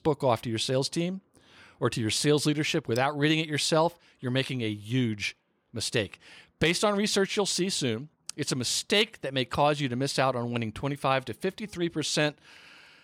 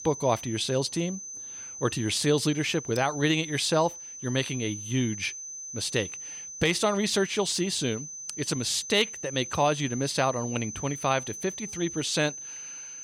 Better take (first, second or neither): first